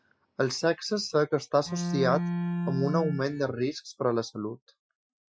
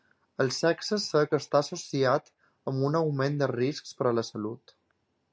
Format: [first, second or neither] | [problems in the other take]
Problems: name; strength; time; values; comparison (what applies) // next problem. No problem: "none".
second | noise reduction (classical method Wiener filter)